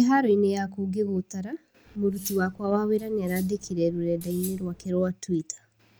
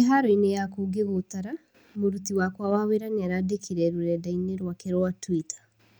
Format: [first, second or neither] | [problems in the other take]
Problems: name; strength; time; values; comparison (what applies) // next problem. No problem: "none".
second | background sound (Cutlery, silverware); 18 dB below the speech